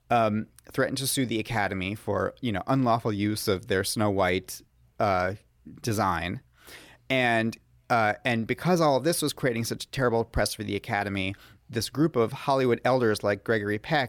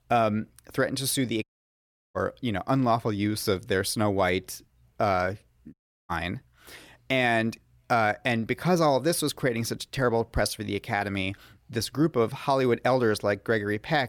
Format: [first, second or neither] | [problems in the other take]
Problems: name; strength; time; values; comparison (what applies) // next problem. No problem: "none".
first | audio cutting out; at 1.5 s for 0.5 s and at 5.5 s